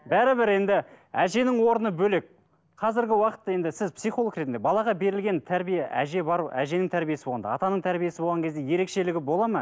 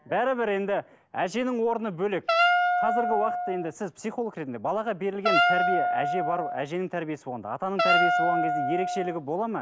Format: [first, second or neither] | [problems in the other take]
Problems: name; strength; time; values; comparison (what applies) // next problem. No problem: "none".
first | background sound (Wind instrument, woodwind instrument); 3 dB above the speech